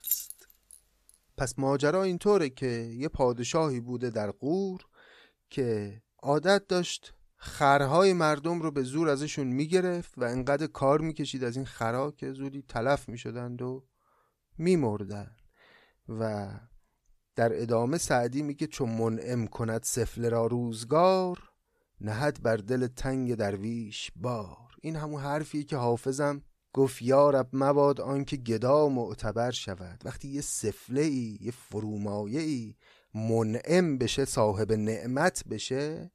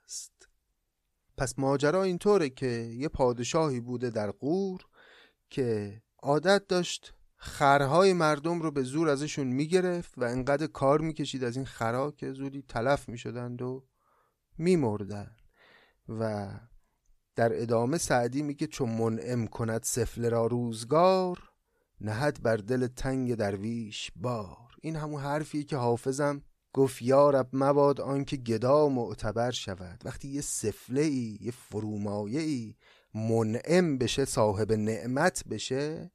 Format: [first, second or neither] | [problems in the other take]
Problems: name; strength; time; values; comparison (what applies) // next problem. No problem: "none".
second | jangling keys; noticeable; at the start; peak 2 dB below the speech